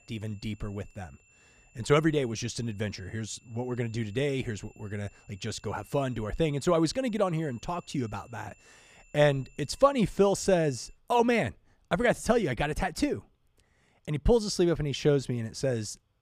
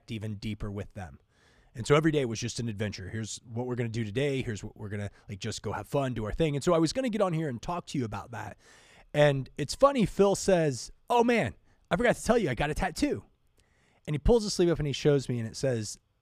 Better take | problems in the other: second | high-pitched whine; faint; until 11 s; 2.5 kHz, 30 dB below the speech

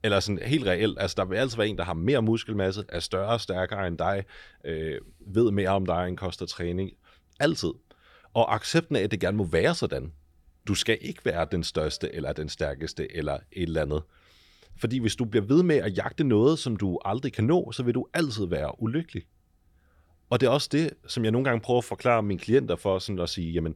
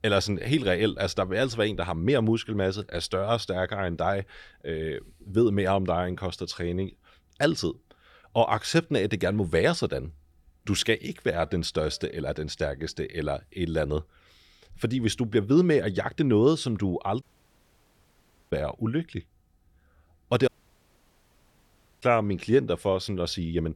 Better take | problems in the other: first | audio cutting out; at 17 s for 1.5 s and at 20 s for 1.5 s

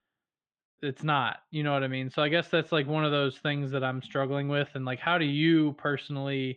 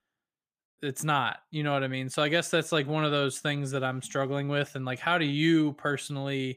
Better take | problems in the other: second | muffled; slightly; fading above 3.5 kHz

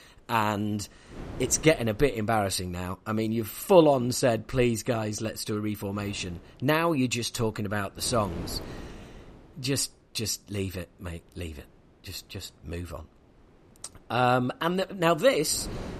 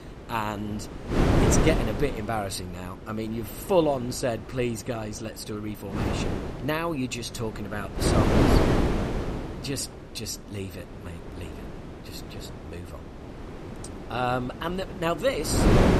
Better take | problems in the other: first | wind noise on the microphone; heavy; as loud as the speech; occasional gusts in the first

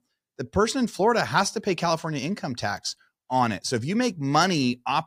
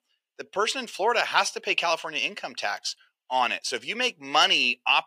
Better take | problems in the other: first | thin; very; fading below 550 Hz

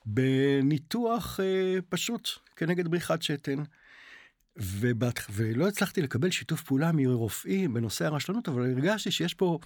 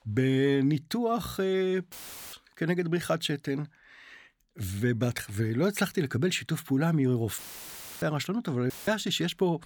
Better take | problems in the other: first | audio cutting out; filled with static; at 2 s, at 7.5 s for 0.5 s and at 8.5 s

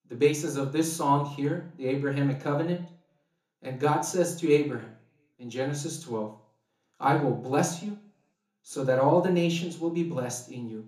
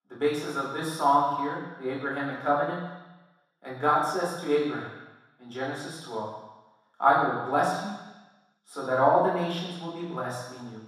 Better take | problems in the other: first | room echo; strong; dies away in 1.2 s; slight in the first // off-mic speech; far; far in the first

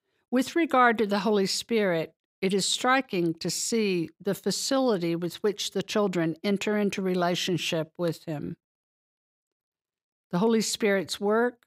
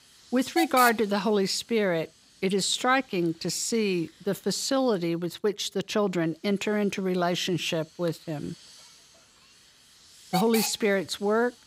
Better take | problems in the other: first | hiss; loud; throughout; 7 dB below the speech

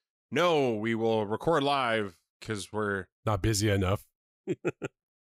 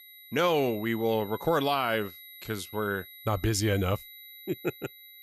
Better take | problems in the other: first | high-pitched whine; noticeable; throughout; 12 kHz, 15 dB below the speech

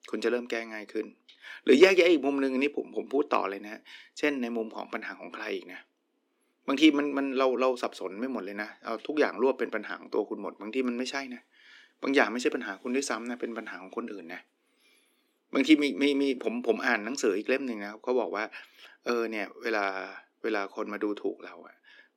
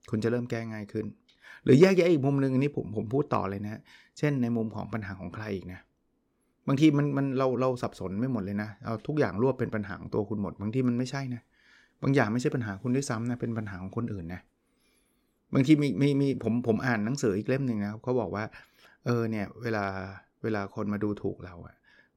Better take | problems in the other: second | thin; very slightly; fading below 250 Hz

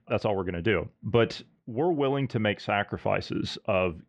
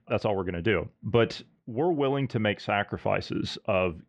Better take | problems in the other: neither | muffled; slightly; fading above 2.5 kHz; the same in both

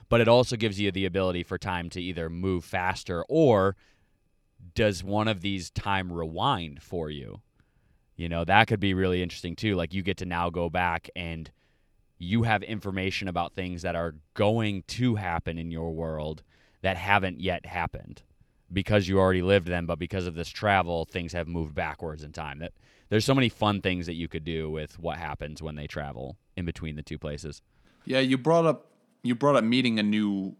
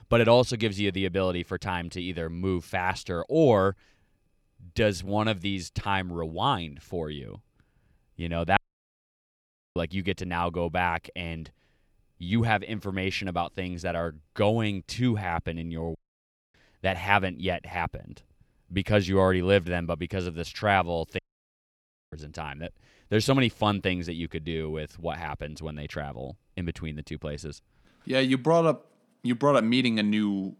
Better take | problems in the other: first | audio cutting out; at 8.5 s for 1 s, at 16 s for 0.5 s and at 21 s for 1 s

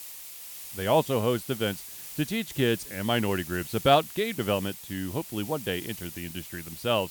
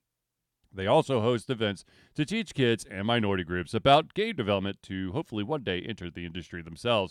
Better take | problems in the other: second | hiss; noticeable; throughout; 10 dB below the speech

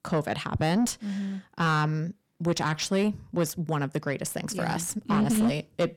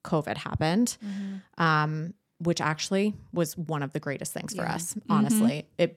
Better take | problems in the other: second | distortion; slight; 10 dB below the speech

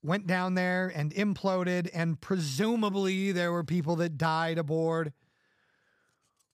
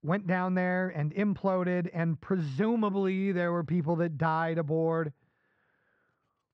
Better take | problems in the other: first | muffled; very; fading above 2 kHz

